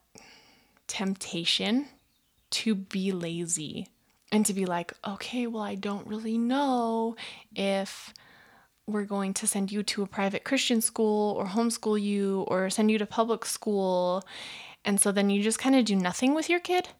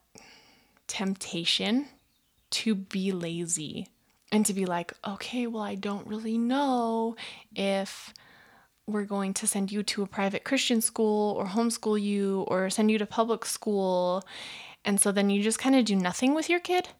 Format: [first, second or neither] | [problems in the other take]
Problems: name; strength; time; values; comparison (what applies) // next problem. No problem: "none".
neither | none